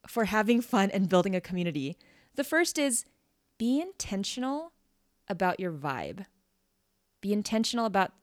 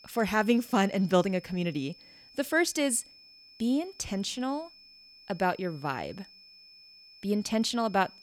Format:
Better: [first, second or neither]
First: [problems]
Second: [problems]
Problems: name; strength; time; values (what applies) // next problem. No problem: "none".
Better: first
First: none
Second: high-pitched whine; faint; throughout; 5.5 kHz, 20 dB below the speech